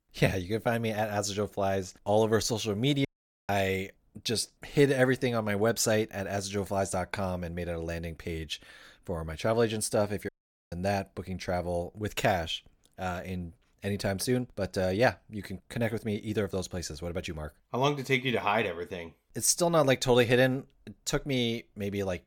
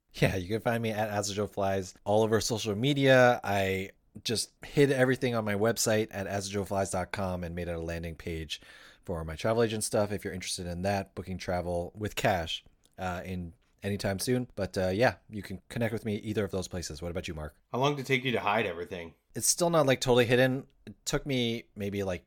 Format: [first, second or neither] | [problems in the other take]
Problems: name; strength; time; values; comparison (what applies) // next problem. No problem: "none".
second | audio cutting out; at 3 s and at 10 s